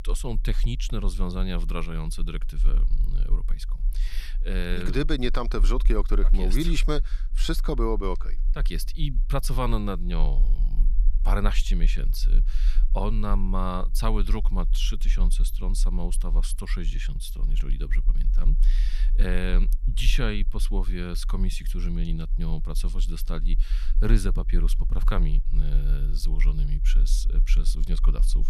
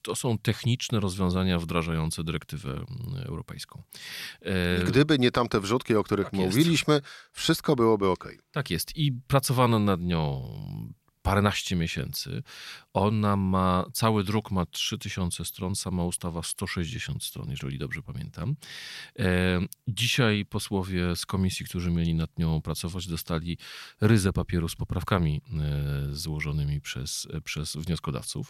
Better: second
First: low rumble; noticeable; throughout; 20 dB below the speech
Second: none

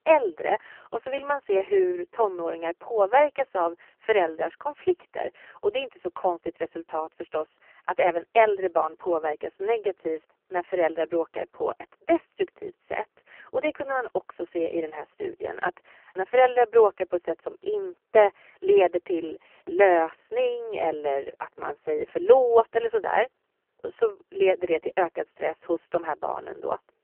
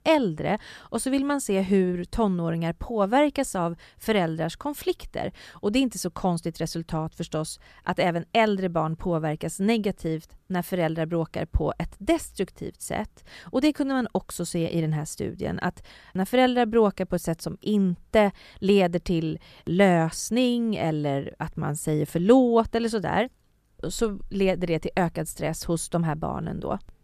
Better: second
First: phone-call audio; poor line; nothing above 3 kHz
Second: none

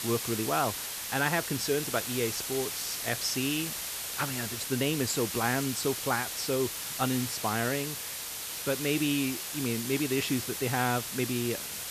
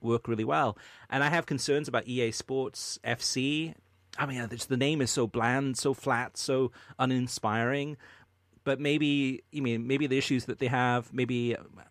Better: second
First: hiss; loud; throughout; 3 dB below the speech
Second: none

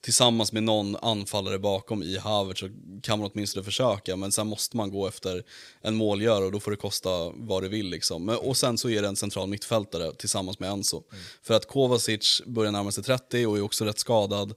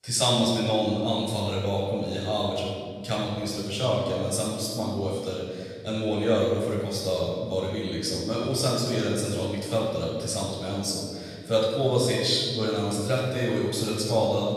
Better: first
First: none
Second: room echo; strong; dies away in 1.8 s // off-mic speech; far

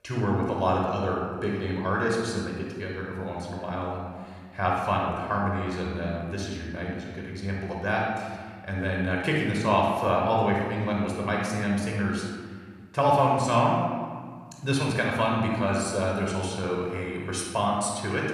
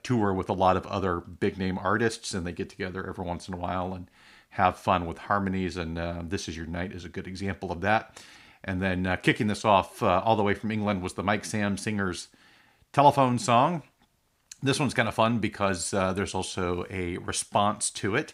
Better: second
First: off-mic speech; somewhat distant // room echo; noticeable; dies away in 1.6 s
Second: none

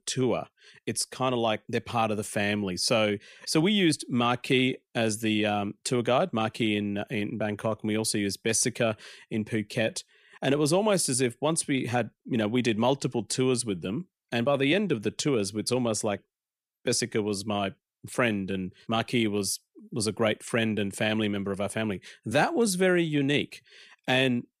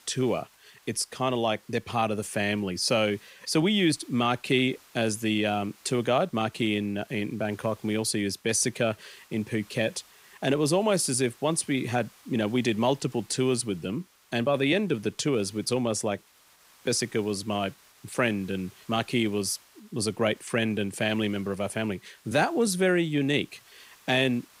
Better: first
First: none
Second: hiss; faint; throughout; 25 dB below the speech

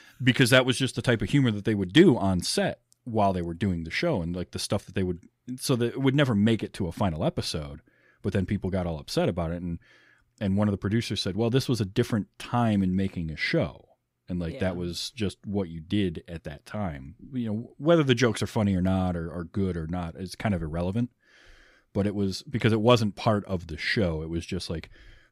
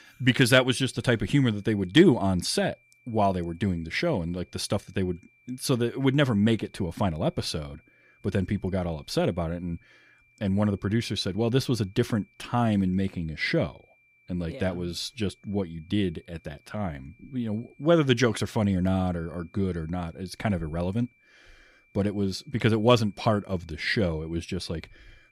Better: first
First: none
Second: high-pitched whine; faint; throughout; 2.5 kHz, 35 dB below the speech

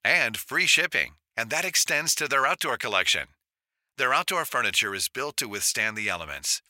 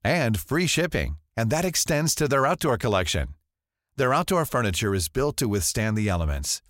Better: second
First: thin; very; fading below 1 kHz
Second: none

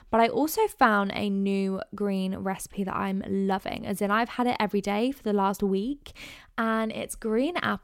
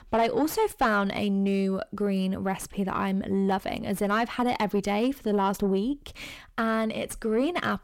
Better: first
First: none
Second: distortion; slight; 10 dB below the speech

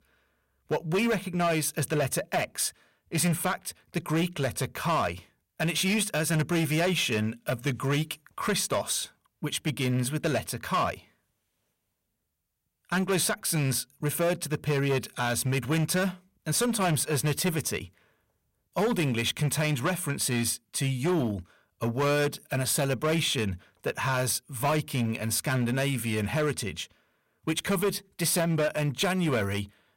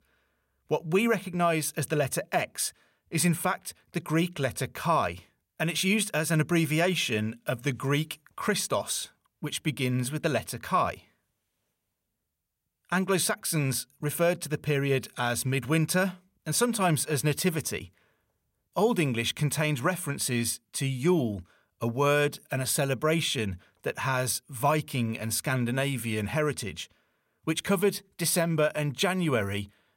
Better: second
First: distortion; slight; 10% of the sound clipped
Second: none

